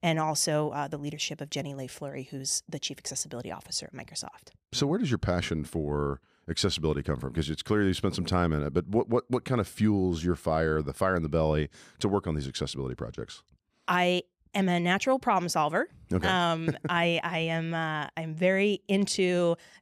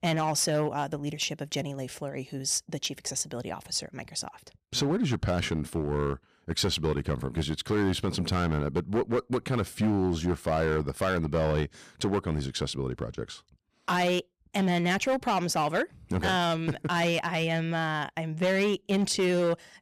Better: first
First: none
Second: distortion; slight; 8% of the sound clipped

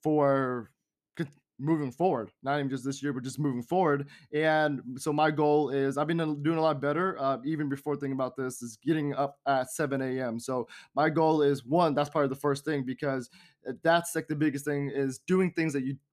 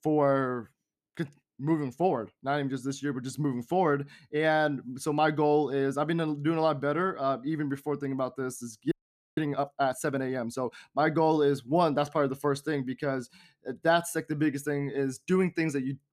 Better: first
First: none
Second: audio freezing; at 9 s

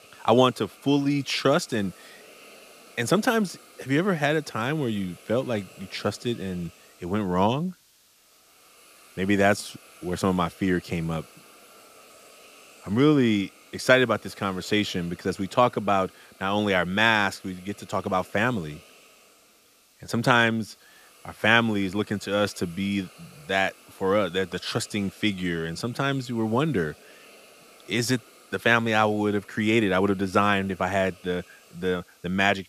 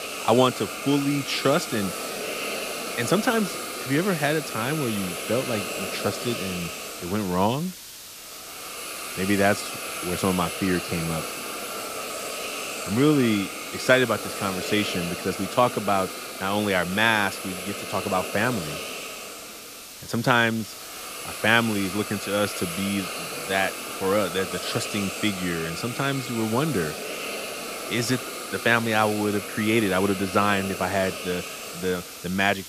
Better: first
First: hiss; faint; throughout; 25 dB below the speech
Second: hiss; loud; throughout; 6 dB below the speech

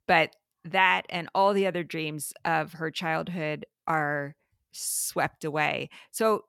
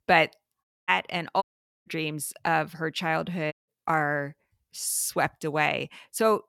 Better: first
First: none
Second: audio cutting out; at 0.5 s, at 1.5 s and at 3.5 s

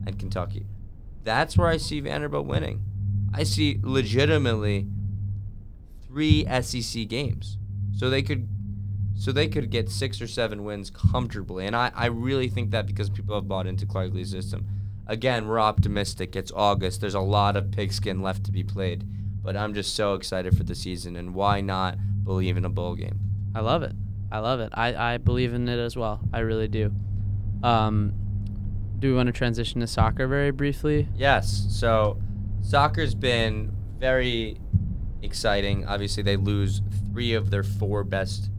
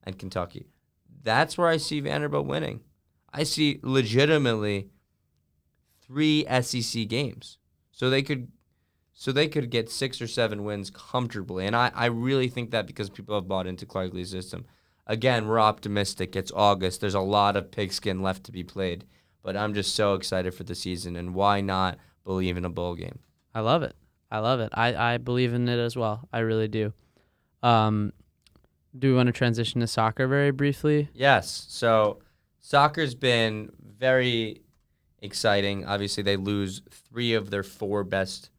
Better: second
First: low rumble; noticeable; throughout; 15 dB below the speech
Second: none

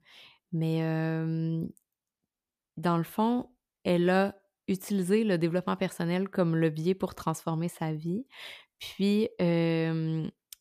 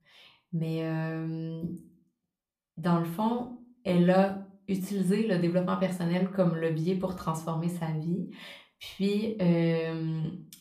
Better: first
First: none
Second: room echo; slight; dies away in 0.3 s // off-mic speech; far

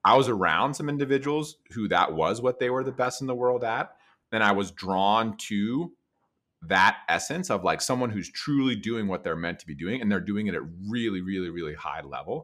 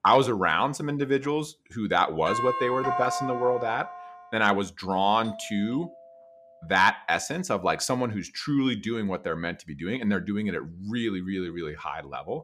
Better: first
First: none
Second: doorbell; noticeable; from 2.5 to 4 s; peak 1 dB below the speech // doorbell; faint; from 5 to 7 s; peak 15 dB below the speech

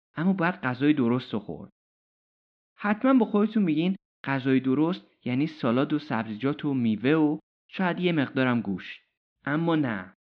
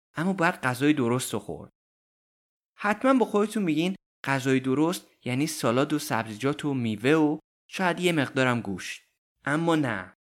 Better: second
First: muffled; slightly; fading above 4 kHz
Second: none

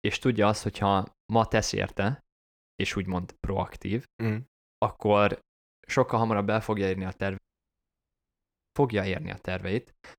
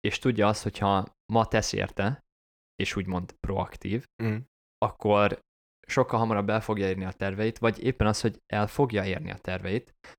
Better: second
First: audio cutting out; at 7.5 s for 1.5 s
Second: none

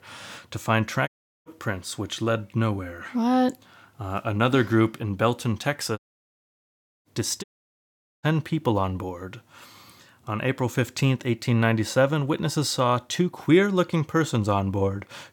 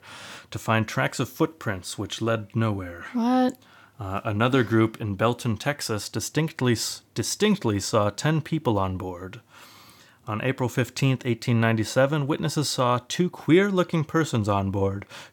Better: second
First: audio cutting out; at 1 s, at 6 s for 1 s and at 7.5 s for 1 s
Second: none

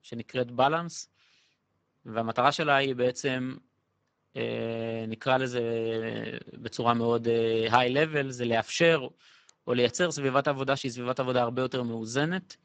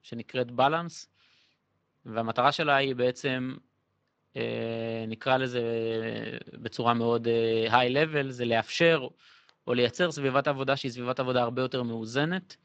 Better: second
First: garbled, watery; badly; nothing above 7.5 kHz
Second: garbled, watery; slightly; nothing above 7.5 kHz

